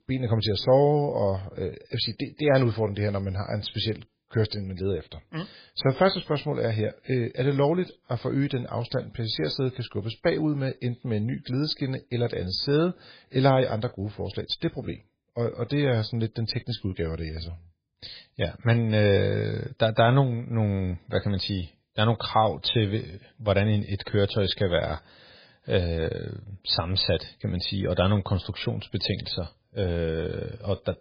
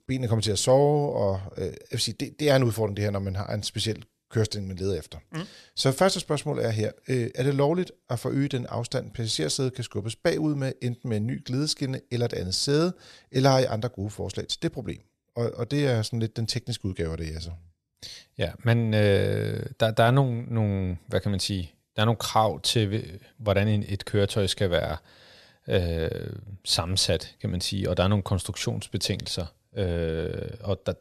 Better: second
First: garbled, watery; badly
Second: none

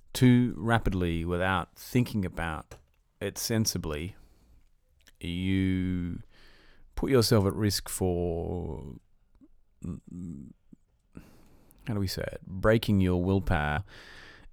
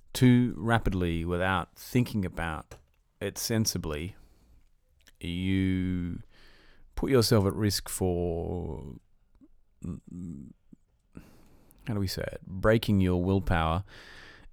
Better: second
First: audio freezing; at 14 s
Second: none

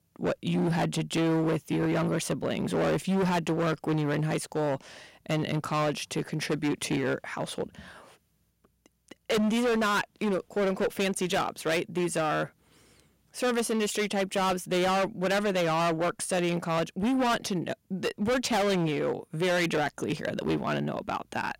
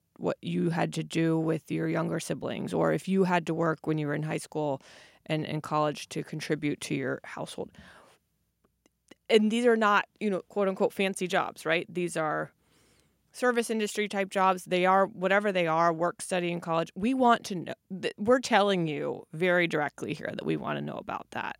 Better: second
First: distortion; heavy; 18% of the sound clipped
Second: none

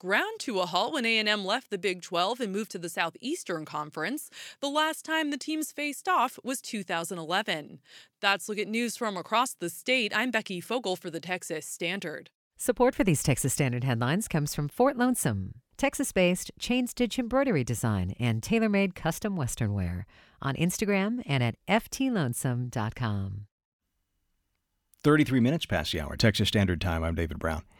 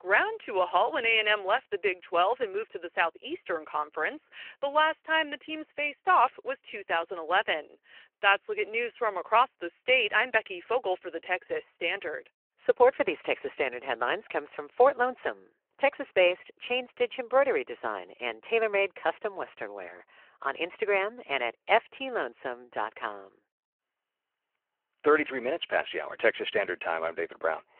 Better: first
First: none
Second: phone-call audio

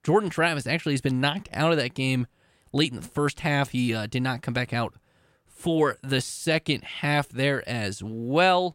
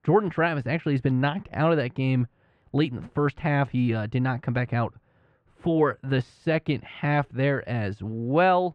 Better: first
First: none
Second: muffled; very; fading above 2 kHz

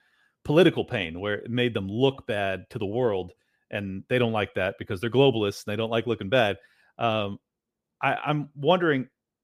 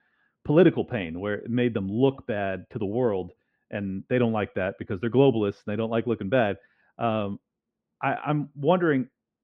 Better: first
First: none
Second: muffled; very; fading above 2 kHz

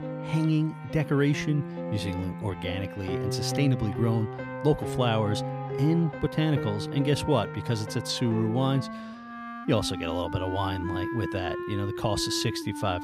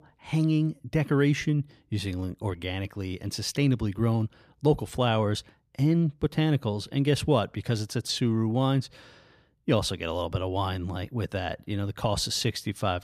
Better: second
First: background music; loud; throughout; 6 dB below the speech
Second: none

